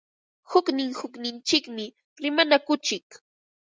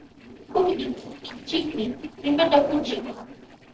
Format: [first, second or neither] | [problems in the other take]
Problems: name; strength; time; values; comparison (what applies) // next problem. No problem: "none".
first | noise reduction (neural separator model SepFormer DNS4)